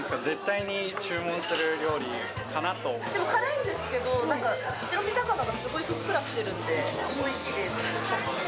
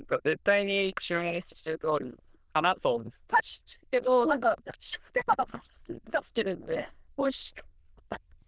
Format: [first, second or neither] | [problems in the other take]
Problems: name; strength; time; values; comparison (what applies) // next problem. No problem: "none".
first | noise reduction (neural diffusion model UNIVERSE++)